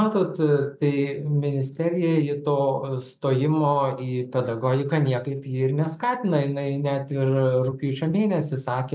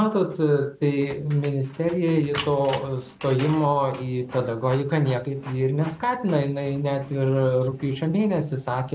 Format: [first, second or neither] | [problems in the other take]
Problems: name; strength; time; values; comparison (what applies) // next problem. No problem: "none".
first | background sound (Printer); 18 dB below the speech